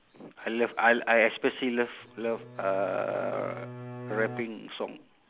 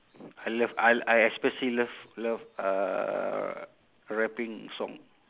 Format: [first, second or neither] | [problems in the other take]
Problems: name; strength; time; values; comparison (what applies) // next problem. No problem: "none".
second | background sound (Bowed string instrument); 13 dB below the speech